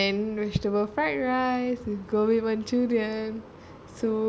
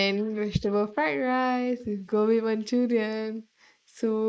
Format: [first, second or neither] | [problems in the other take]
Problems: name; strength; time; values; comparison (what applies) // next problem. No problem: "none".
first | noise reduction (neural mask model Resemble Enhance denoiser)